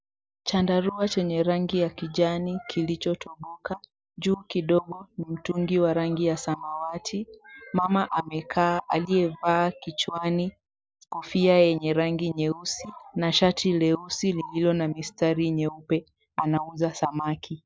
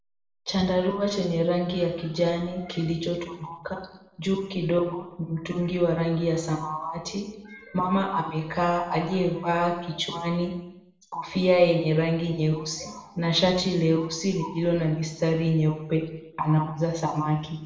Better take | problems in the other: first | room echo; dies away in 0.7 s

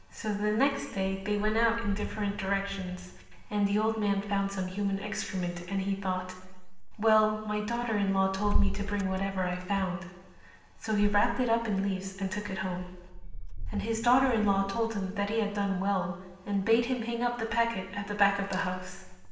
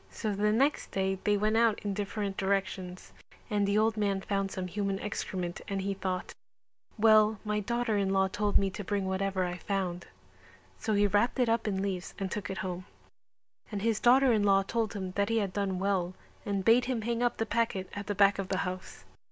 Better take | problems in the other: second | background sound (Engine starting / Motor vehicle (road)); 17 dB below the speech // room echo; dies away in 1.1 s

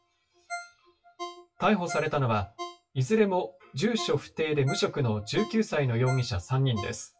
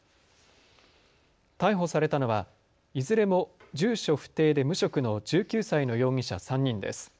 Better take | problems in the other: second | noise reduction (classical method WPE with log-MMSE)

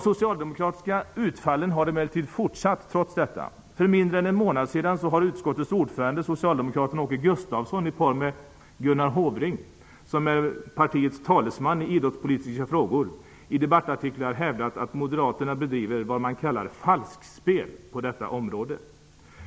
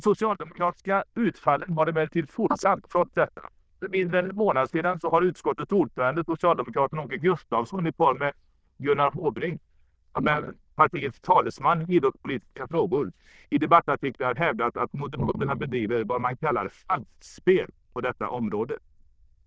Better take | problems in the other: first | noise reduction (neural diffusion model UNIVERSE++)

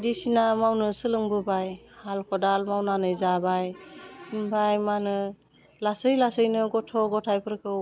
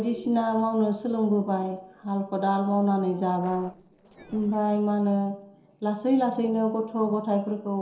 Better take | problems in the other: first | noise reduction (neural separator model SepFormer DNS4)

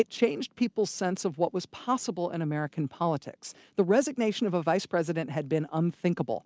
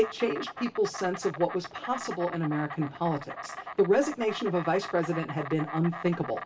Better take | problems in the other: first | background sound (Insect); 11 dB below the speech // room echo; dies away in 0.2 s

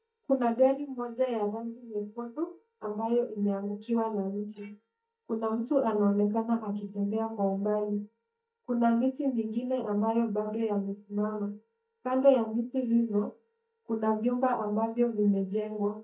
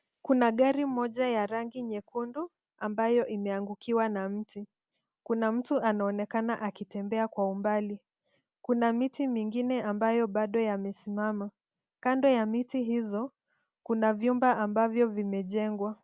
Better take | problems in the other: second | noise reduction (neural mask model DeepFilterNet 3)

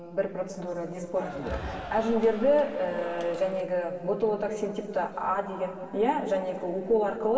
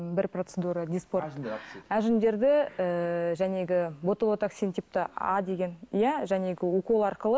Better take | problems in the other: second | background sound (Cheering); 12 dB below the speech // room echo; dies away in 2.3 s

